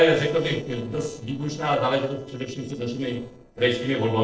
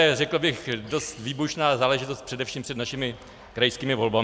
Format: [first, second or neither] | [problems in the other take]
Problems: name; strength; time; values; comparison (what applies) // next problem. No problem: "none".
second | noise reduction (neural separator model SepFormer DNS4)